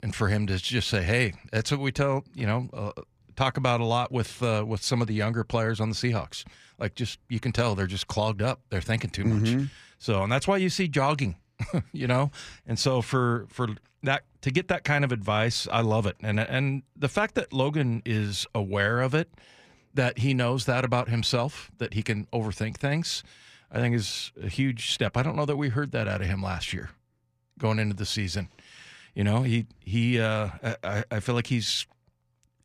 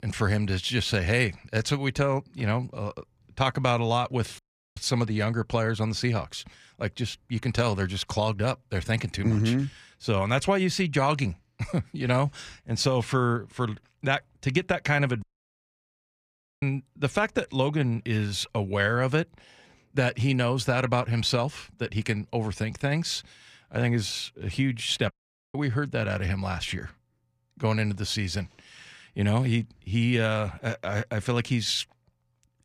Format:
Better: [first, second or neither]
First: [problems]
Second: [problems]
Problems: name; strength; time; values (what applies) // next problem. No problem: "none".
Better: first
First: none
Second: audio cutting out; at 4.5 s, at 15 s for 1.5 s and at 25 s